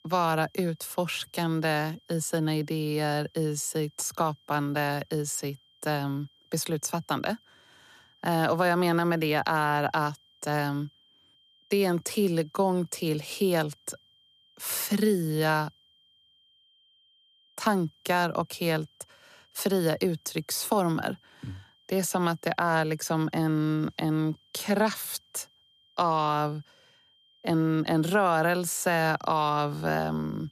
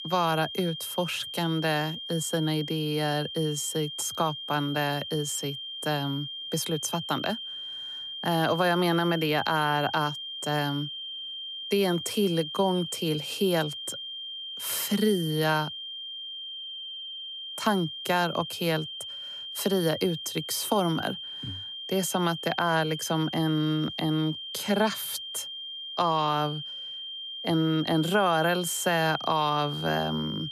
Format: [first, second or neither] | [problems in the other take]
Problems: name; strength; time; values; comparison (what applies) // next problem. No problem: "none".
first | high-pitched whine; loud; throughout; 3 kHz, 7 dB below the speech; faint in the first